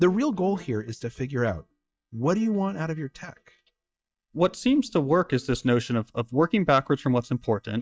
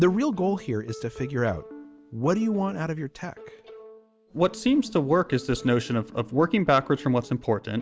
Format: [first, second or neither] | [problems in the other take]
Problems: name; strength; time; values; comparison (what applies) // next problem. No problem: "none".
second | noise reduction (neural mask model DeepFilterNet 3)